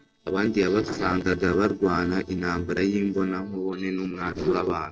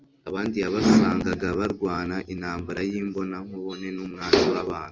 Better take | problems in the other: second | noise reduction (neural separator model SepFormer DNS4)

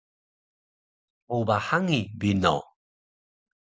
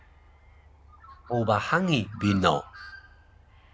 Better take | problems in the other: first | background sound (Bird); 17 dB below the speech

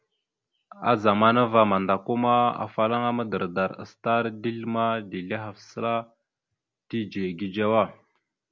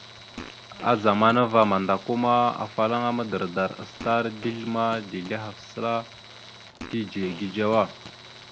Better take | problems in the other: first | background sound (Fart + Tools); 17 dB below the speech

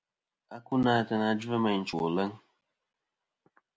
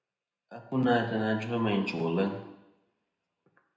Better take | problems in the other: first | room echo; dies away in 0.8 s

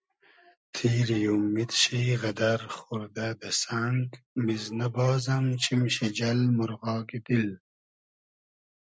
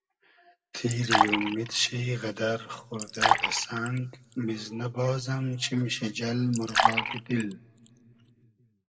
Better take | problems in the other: first | background sound (Fill (with liquid)); 1 dB above the speech // room echo; dies away in 1.3 s

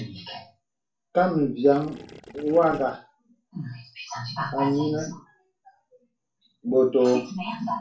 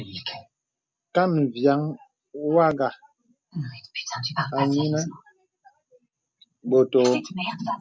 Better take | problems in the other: second | background sound (Gurgling / Liquid); 18 dB below the speech // room echo; dies away in 0.3 s

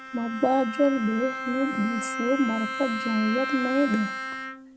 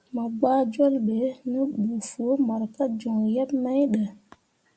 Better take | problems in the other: second | background sound (Bowed string instrument); 6 dB below the speech

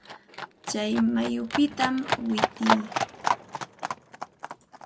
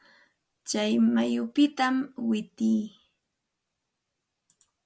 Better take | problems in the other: second | background sound (Livestock, farm animals, working animals); 2 dB below the speech

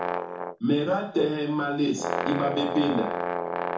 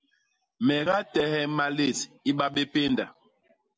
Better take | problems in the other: second | background sound (Brass instrument); 4 dB below the speech // room echo; dies away in 0.8 s

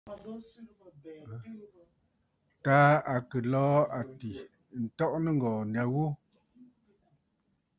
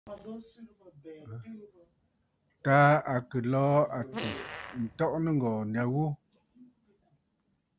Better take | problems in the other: first | background sound (Fart); 11 dB below the speech

